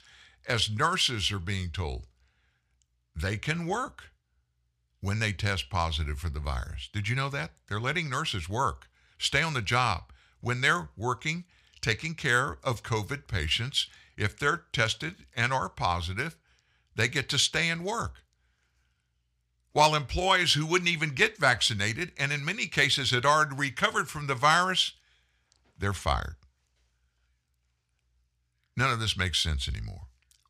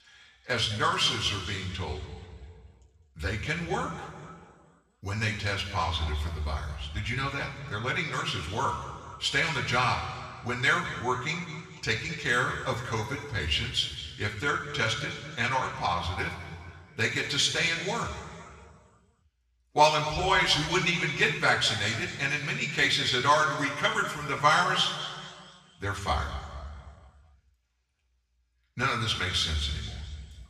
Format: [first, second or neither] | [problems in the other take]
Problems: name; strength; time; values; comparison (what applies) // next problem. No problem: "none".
first | room echo; noticeable; dies away in 1.8 s // off-mic speech; far